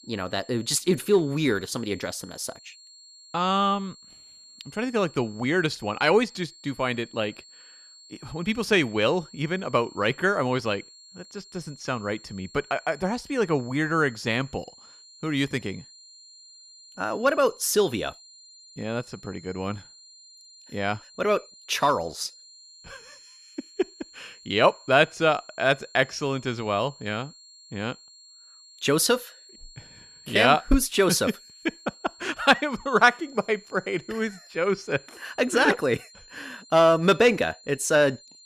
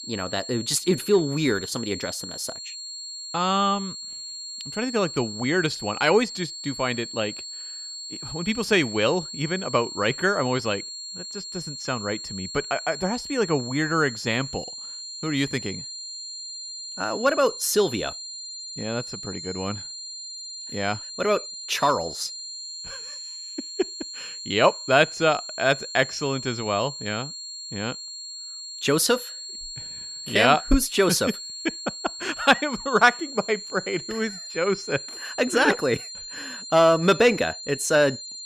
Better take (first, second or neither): first